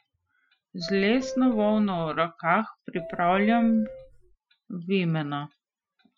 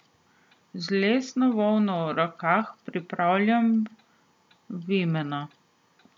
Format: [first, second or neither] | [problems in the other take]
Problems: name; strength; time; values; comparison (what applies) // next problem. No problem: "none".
second | noise reduction (classical method Wiener filter)